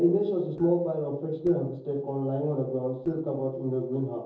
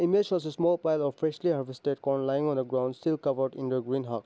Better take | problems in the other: second | noise reduction (neural separator model SepFormer DNS4)

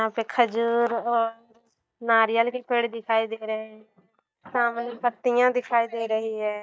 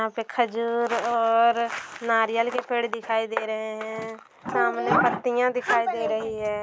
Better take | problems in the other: second | noise reduction (neural mask model DeepFilterNet 3)

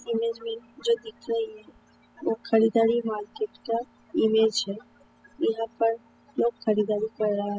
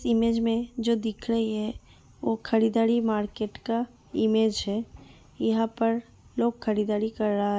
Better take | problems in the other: second | noise reduction (classical method spectral subtraction)

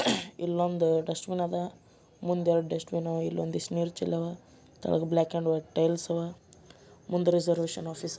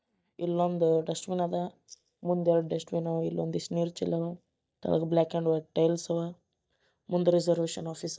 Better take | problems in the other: first | noise reduction (neural mask model DeepFilterNet 3)

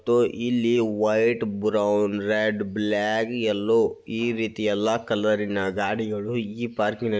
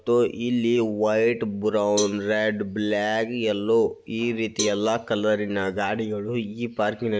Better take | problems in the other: first | background sound (Cowbell); 14 dB below the speech

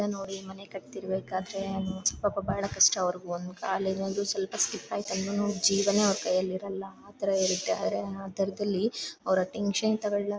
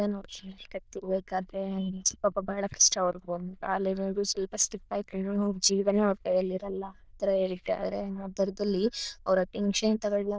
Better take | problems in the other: first | noise reduction (neural diffusion model UNIVERSE++)

